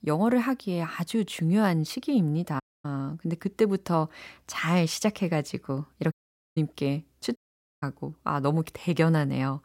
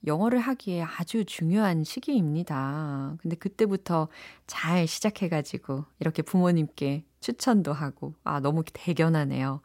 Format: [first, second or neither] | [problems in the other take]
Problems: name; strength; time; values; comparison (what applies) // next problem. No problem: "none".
second | audio cutting out; at 2.5 s, at 6 s and at 7.5 s